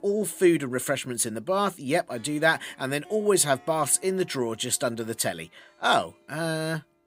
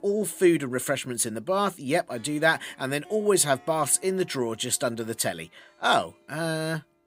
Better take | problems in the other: neither | background music; faint; throughout; 30 dB below the speech; the same in both

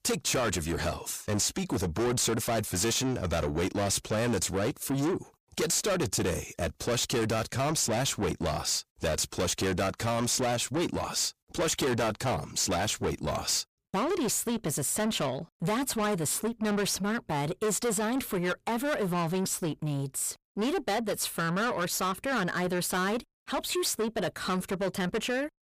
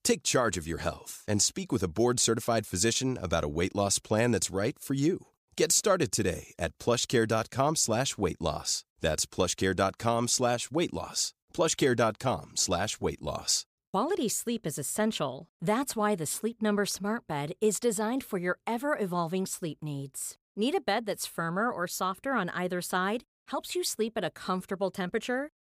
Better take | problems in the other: second | distortion; heavy; 6 dB below the speech

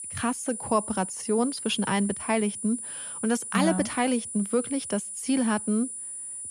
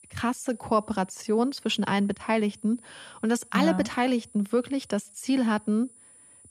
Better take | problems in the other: second | high-pitched whine; loud; throughout; 9.5 kHz, 6 dB below the speech; faint in the second

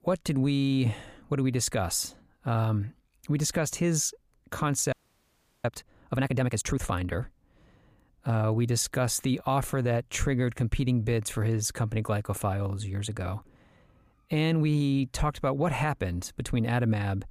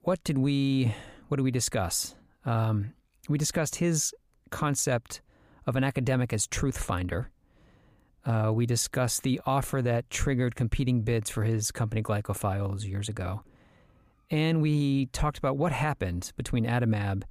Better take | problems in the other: second | audio freezing; at 5 s for 0.5 s

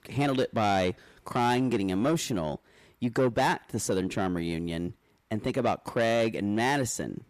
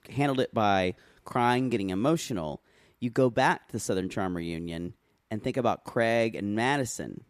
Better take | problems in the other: second | distortion; slight; 10 dB below the speech

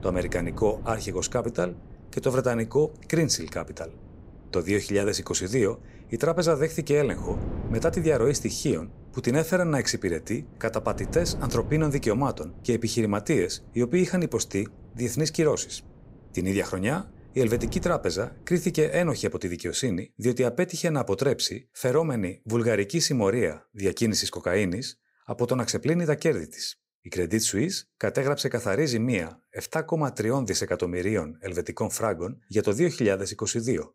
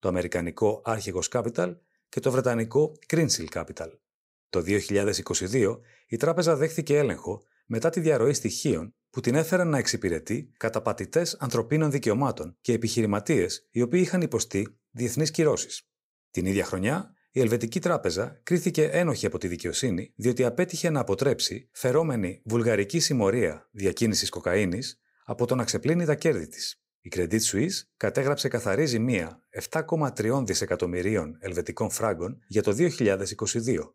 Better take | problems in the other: second | wind noise on the microphone; occasional gusts; until 19 s; 20 dB below the speech

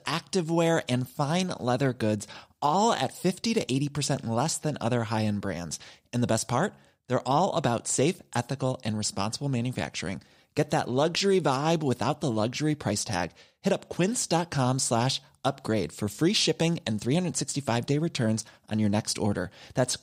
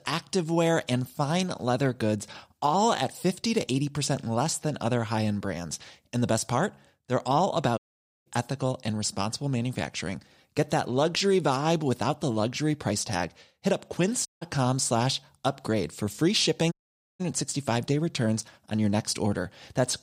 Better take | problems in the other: first | audio cutting out; at 8 s, at 14 s and at 17 s

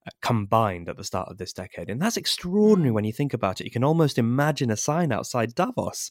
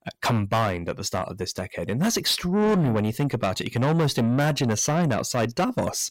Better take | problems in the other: first | distortion; heavy; 7 dB below the speech

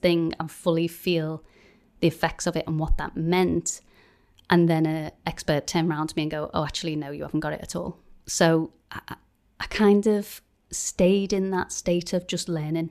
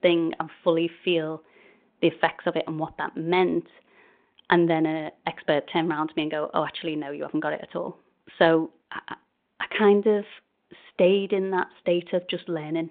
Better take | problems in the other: first | phone-call audio

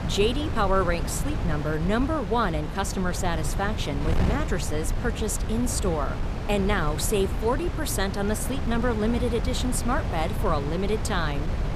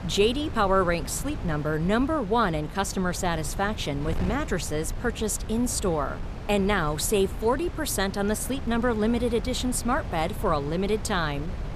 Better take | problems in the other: second | wind noise on the microphone; heavy; 8 dB below the speech; occasional gusts in the second

